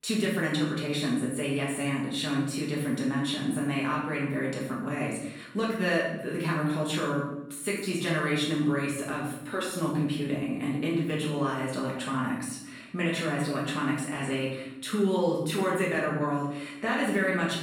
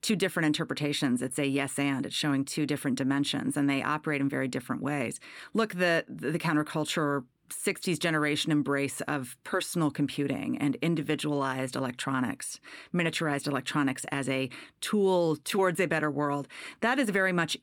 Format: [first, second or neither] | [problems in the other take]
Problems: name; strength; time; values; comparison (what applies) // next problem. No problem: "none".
second | off-mic speech; far // room echo; noticeable; dies away in 0.7 s